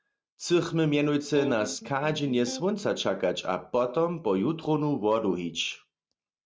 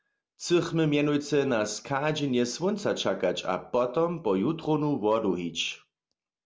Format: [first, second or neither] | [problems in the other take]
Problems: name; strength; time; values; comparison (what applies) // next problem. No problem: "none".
second | noise reduction (neural mask model RNNoise)